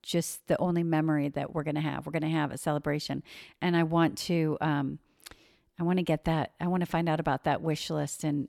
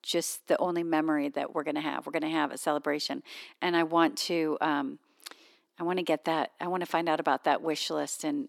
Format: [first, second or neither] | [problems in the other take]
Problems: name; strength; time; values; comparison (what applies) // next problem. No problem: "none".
first | thin; somewhat; fading below 250 Hz